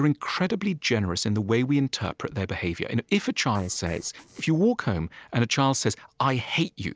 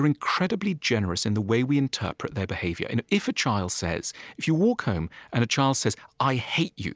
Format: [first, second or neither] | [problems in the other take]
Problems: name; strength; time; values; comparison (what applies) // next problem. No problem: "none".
second | noise reduction (neural separator model SepFormer DNS4)